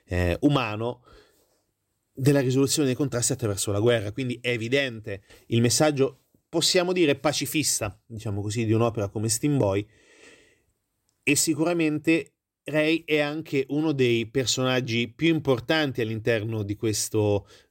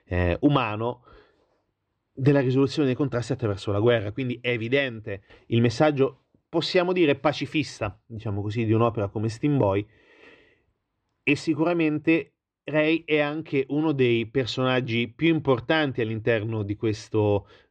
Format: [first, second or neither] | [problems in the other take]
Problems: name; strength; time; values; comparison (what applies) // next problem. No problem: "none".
first | muffled; slightly; fading above 3.5 kHz